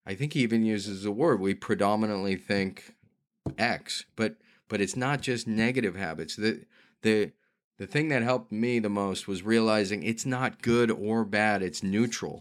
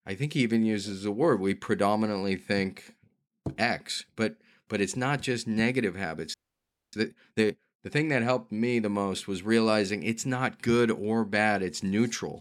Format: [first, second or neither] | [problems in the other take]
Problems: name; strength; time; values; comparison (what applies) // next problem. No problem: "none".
first | audio freezing; at 6.5 s for 0.5 s